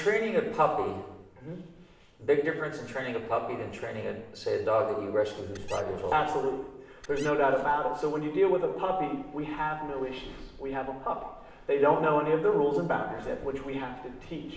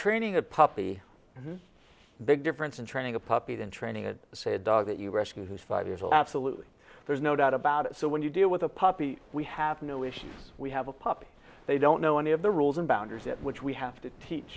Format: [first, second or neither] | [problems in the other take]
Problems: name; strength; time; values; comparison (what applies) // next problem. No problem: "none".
second | background sound (Squeak); 15 dB below the speech // room echo; dies away in 0.9 s